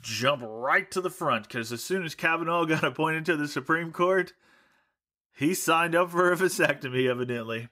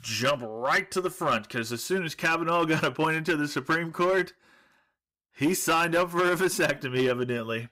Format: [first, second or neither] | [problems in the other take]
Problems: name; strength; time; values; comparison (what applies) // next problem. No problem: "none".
first | distortion; slight; 6% of the sound clipped